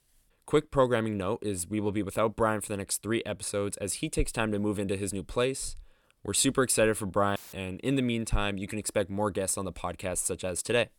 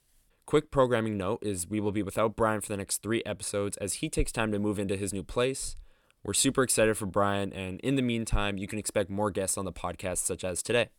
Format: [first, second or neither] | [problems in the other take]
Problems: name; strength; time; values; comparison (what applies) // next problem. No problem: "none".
second | audio cutting out; filled with static; at 7.5 s